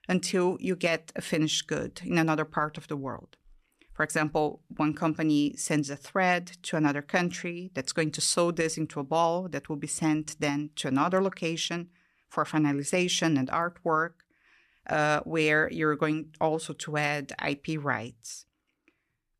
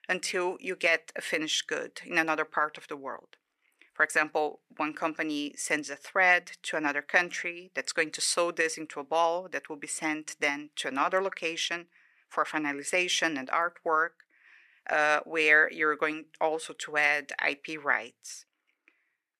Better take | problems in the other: first | thin; somewhat; fading below 500 Hz

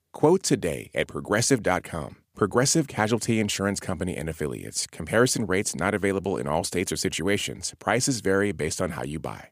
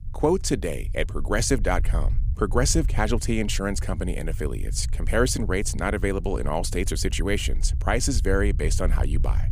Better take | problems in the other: first | low rumble; faint; throughout; 20 dB below the speech

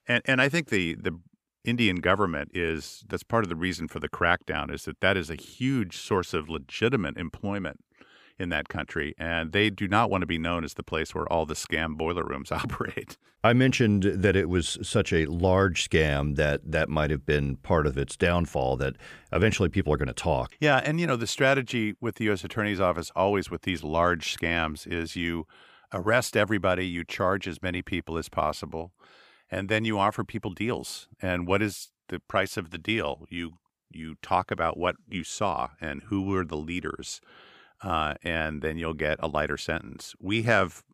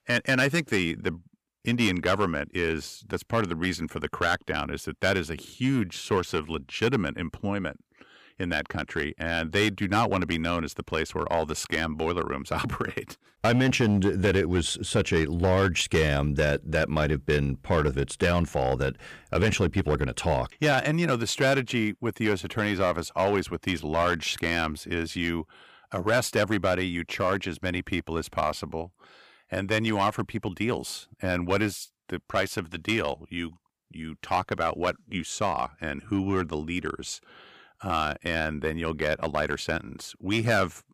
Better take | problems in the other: first | distortion; slight; 3% of the sound clipped

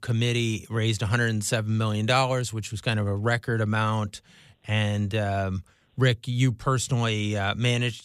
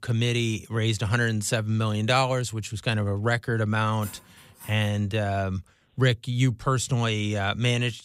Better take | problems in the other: first | clattering dishes; faint; at 4 s; peak 15 dB below the speech

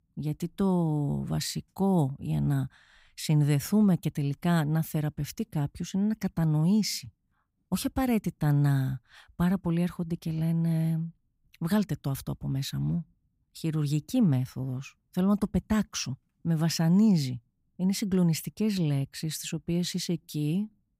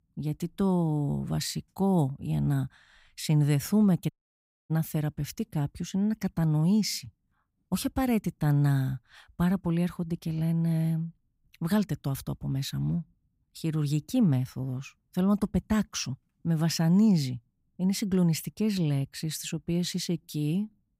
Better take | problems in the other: first | audio cutting out; at 4 s for 0.5 s

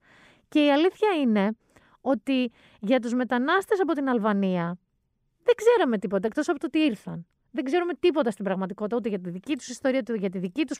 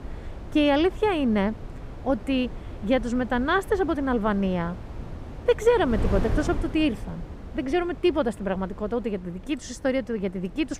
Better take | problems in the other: first | wind noise on the microphone; occasional gusts; 15 dB below the speech

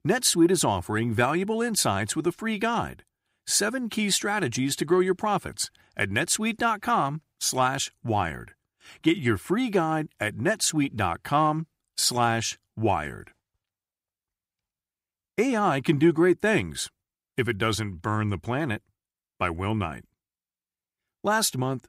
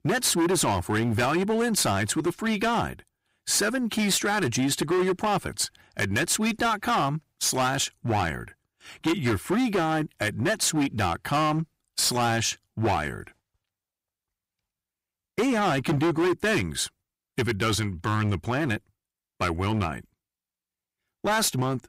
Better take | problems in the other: first | distortion; heavy; 13% of the sound clipped

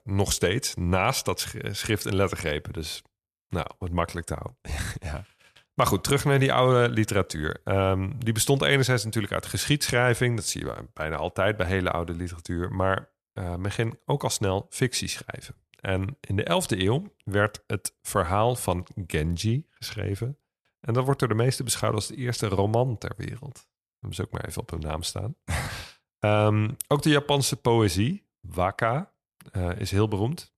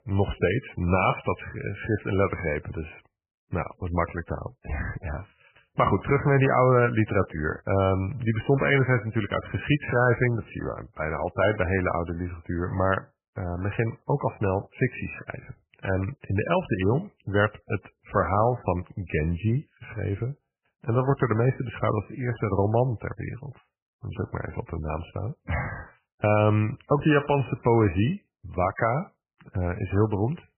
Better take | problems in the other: first | garbled, watery; badly; nothing above 3 kHz

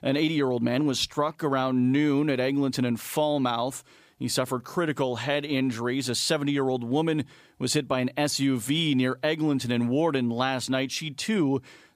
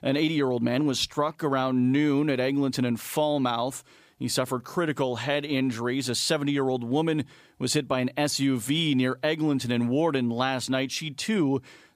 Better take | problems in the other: neither | none

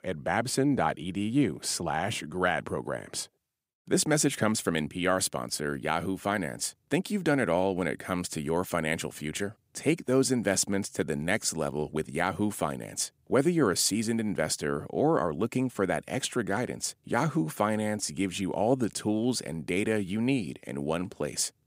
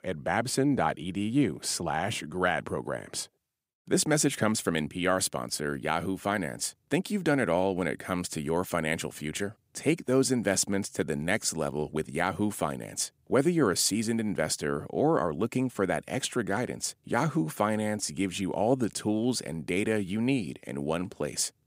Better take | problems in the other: neither | none

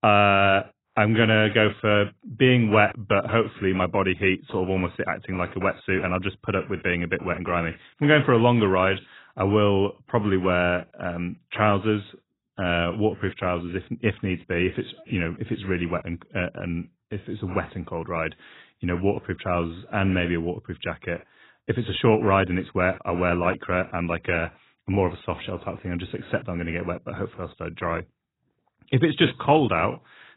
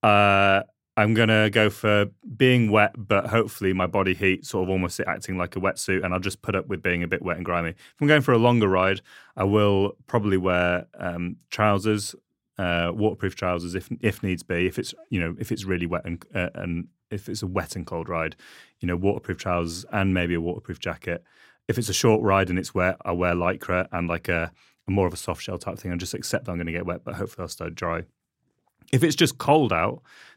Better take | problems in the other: second | garbled, watery; badly; nothing above 3.5 kHz

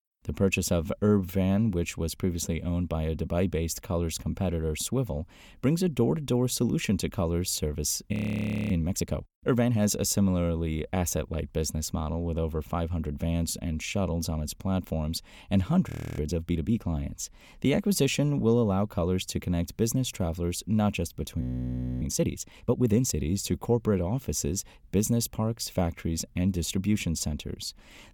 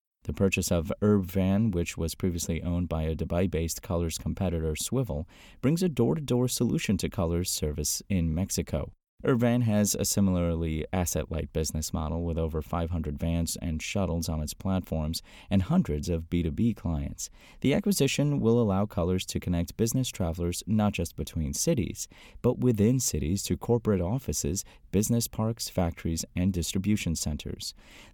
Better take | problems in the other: second | audio freezing; at 8 s for 0.5 s, at 16 s and at 21 s for 0.5 s

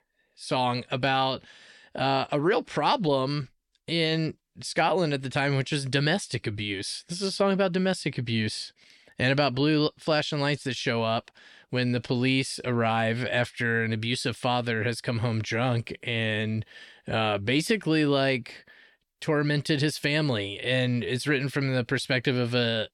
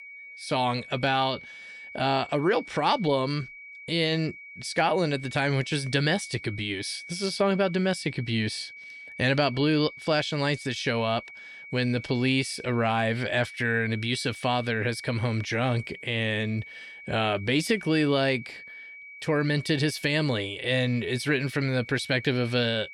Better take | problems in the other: first | high-pitched whine; noticeable; throughout; 2.5 kHz, 15 dB below the speech

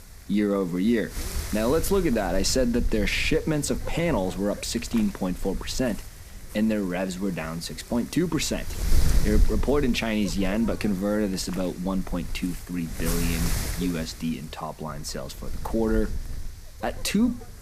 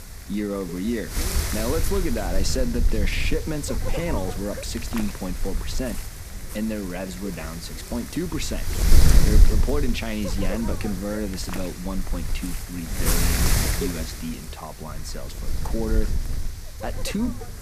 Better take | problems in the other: first | wind noise on the microphone; heavy; 2 dB below the speech; occasional gusts in the first

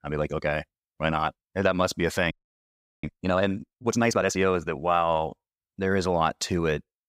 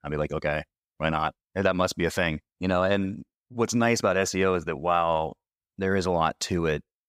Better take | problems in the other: second | audio freezing; at 2.5 s for 0.5 s

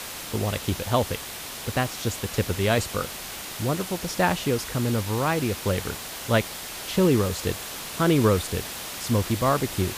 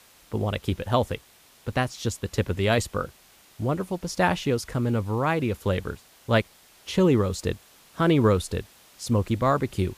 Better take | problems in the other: second | hiss; loud; throughout; 8 dB below the speech; faint in the second

